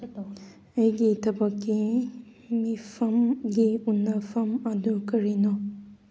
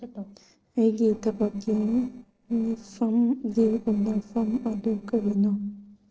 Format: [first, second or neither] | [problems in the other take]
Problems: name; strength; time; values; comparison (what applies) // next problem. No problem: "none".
first | noise reduction (neural separator model SepFormer DNS4)